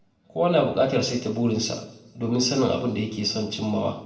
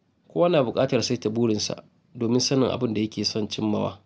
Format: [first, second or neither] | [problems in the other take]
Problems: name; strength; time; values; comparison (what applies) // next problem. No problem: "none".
second | room echo; dies away in 0.6 s